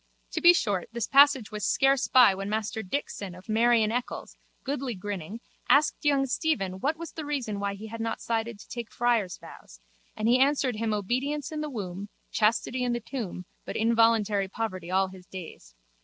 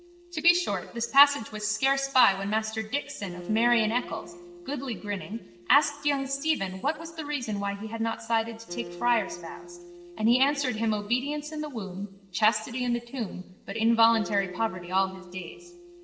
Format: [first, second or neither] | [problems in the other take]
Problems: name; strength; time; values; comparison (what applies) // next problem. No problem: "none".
first | background sound (Acoustic guitar); 18 dB below the speech // room echo; dies away in 0.8 s